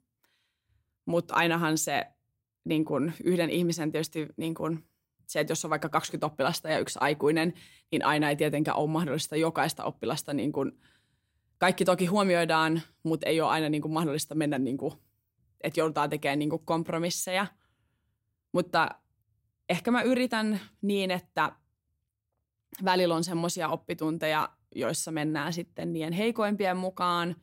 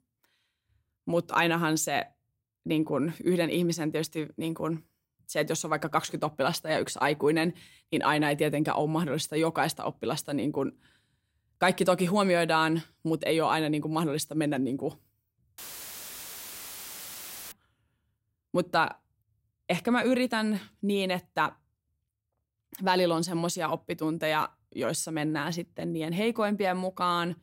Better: first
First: none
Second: audio cutting out; filled with static; at 16 s for 2 s

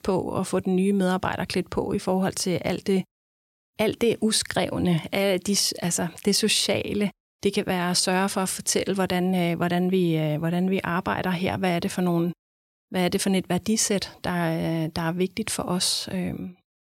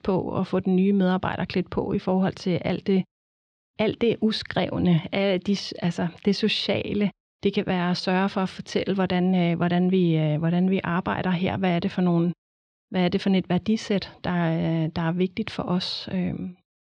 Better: first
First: none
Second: muffled; slightly; fading above 4 kHz

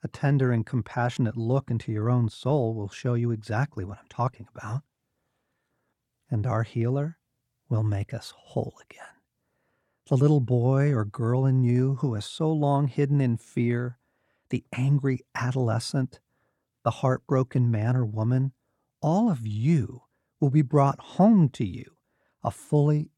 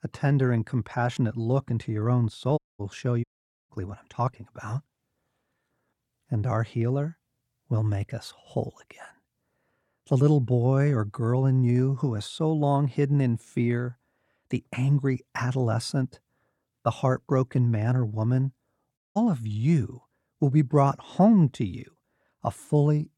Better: first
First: none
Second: audio cutting out; at 2.5 s, at 3 s and at 19 s

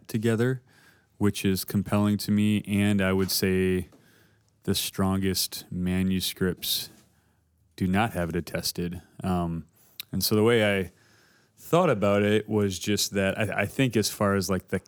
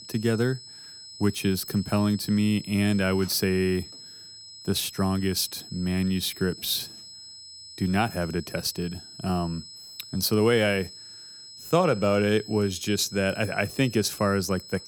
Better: first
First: none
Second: high-pitched whine; noticeable; throughout; 5 kHz, 15 dB below the speech

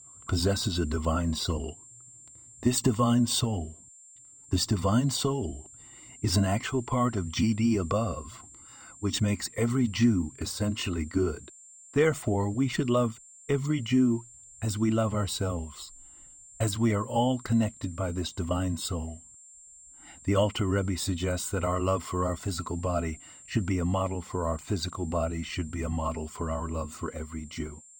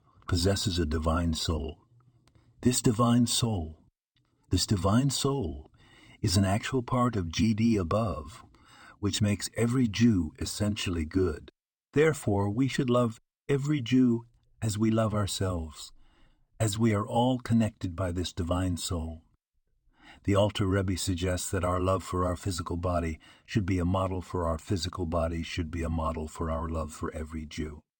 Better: second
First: high-pitched whine; noticeable; throughout; 7.5 kHz, 20 dB below the speech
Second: none

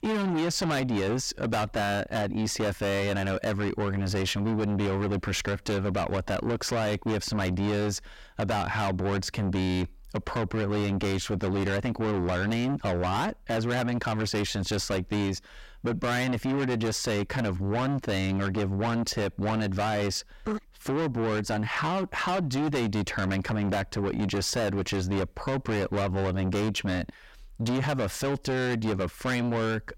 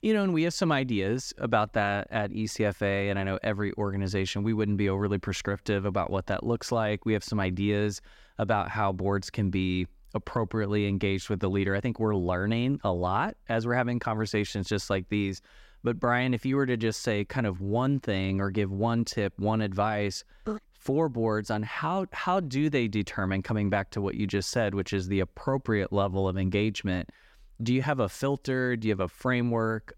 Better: second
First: distortion; heavy; 6 dB below the speech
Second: none

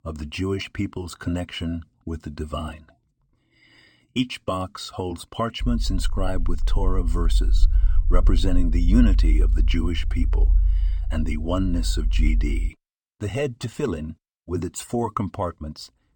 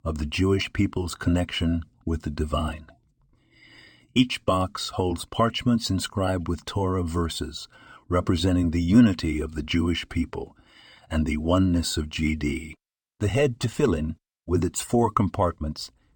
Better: second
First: low rumble; noticeable; from 5.5 to 13 s; 15 dB below the speech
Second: none

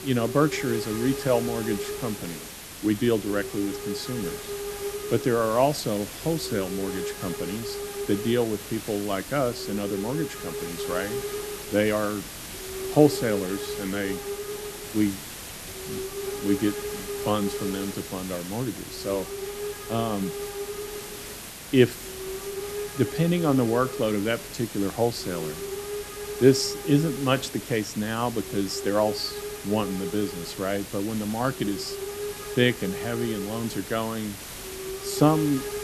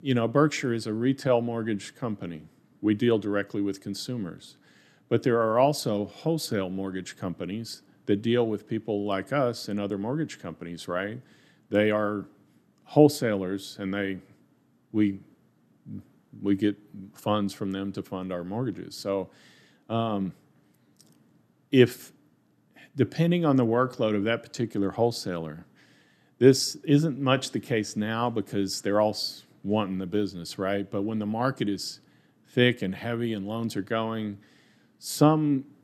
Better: second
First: hiss; loud; throughout; 7 dB below the speech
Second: none

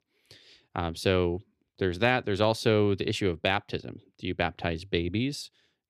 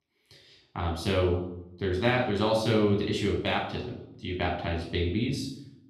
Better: first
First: none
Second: off-mic speech; far // room echo; noticeable; dies away in 0.6 s

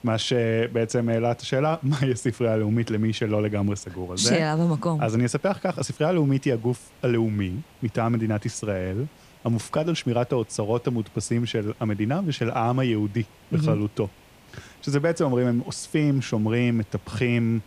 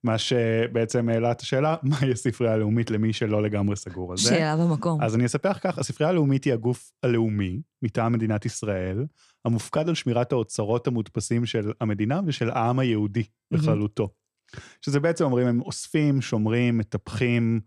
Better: second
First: hiss; faint; throughout; 25 dB below the speech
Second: none

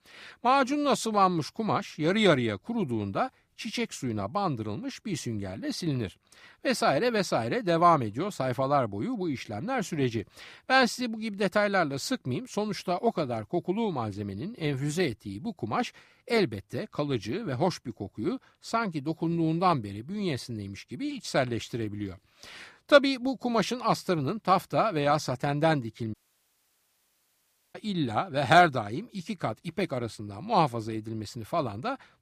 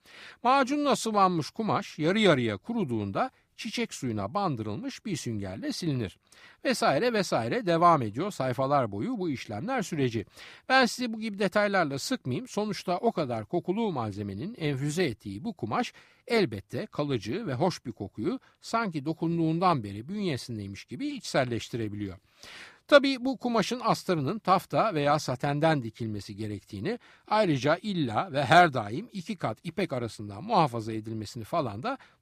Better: second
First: audio cutting out; at 26 s for 1.5 s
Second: none

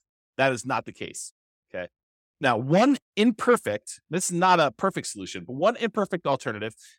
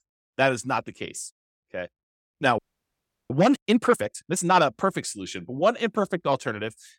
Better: first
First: none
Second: audio freezing; at 2.5 s for 0.5 s

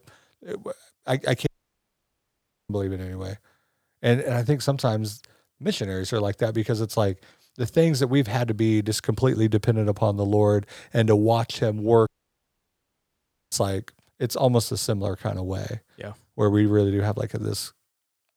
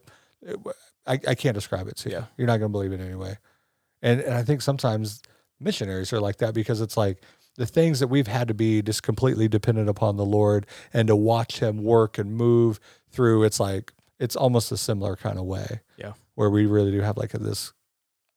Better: second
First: audio cutting out; at 1.5 s for 1 s and at 12 s for 1.5 s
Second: none

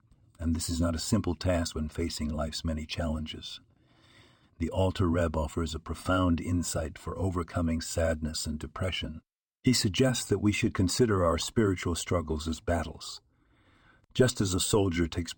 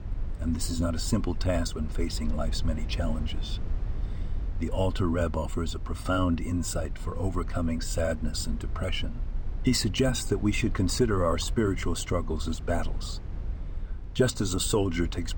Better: first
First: none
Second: low rumble; noticeable; throughout; 20 dB below the speech

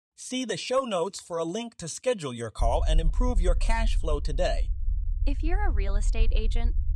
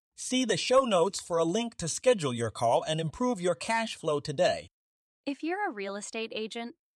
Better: second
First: low rumble; faint; from 2.5 s on; 20 dB below the speech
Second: none

